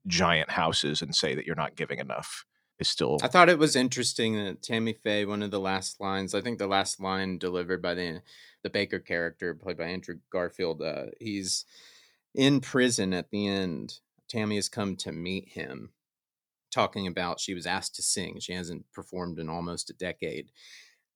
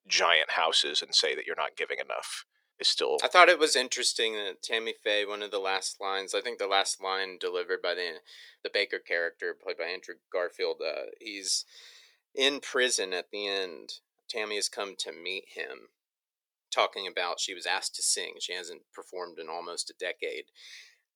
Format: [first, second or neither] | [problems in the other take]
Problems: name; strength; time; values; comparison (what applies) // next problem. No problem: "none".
first | thin; very; fading below 450 Hz